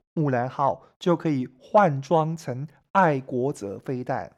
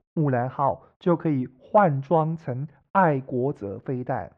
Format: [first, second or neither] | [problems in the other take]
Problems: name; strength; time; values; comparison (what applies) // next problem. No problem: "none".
first | muffled; very; fading above 2 kHz